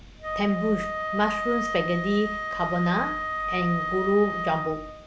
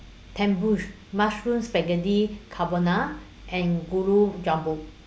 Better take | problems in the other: second | background sound (Wind instrument, woodwind instrument); 4 dB below the speech

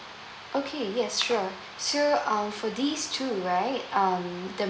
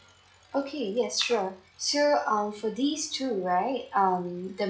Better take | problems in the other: first | noise reduction (classical method log-MMSE)

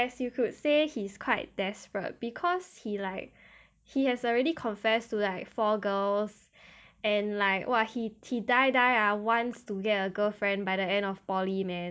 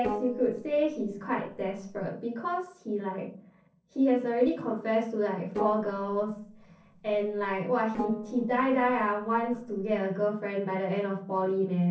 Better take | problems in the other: first | noise reduction (neural separator model SepFormer DNS4)

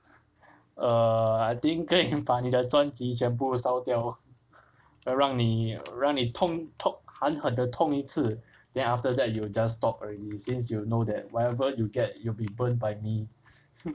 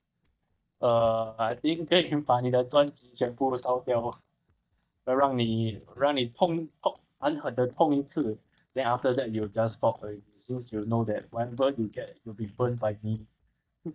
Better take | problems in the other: first | noise reduction (neural mask model DeepFilterNet 3)

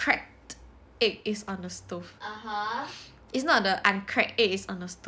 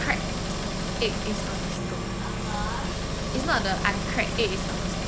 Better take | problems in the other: first | background sound (Engine); 2 dB above the speech

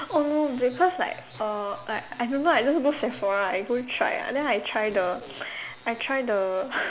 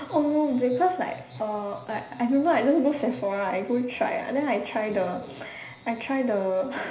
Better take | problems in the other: first | room echo; dies away in 0.5 s

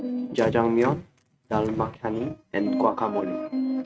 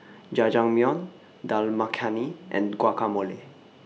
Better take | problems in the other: second | noise reduction (neural mask model RNNoise)

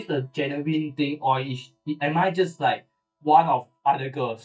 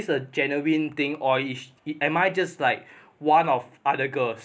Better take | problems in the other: second | noise reduction (neural mask model DeepFilterNet 3)

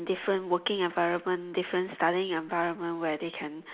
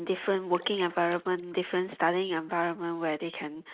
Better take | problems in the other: first | noise reduction (neural mask model RNNoise)

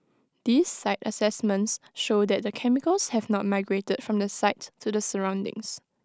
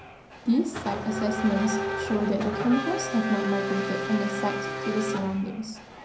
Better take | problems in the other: first | background sound (Race car, auto racing / Accelerating, revving, vroom); 4 dB below the speech // room echo; dies away in 0.6 s

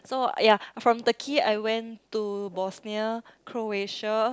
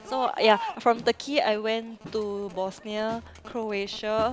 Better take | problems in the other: first | background sound (Crowd); 14 dB below the speech

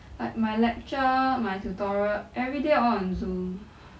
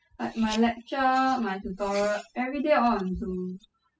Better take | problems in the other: first | noise reduction (classical method spectral subtraction)

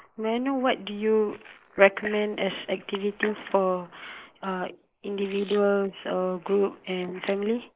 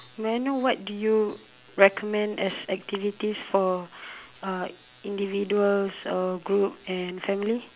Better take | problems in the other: second | noise reduction (neural mask model Resemble Enhance denoiser)

